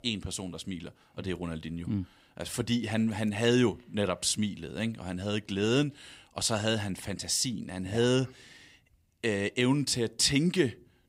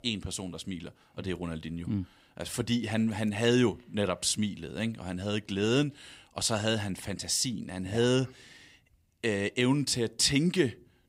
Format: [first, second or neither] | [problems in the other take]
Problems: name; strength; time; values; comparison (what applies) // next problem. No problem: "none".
neither | none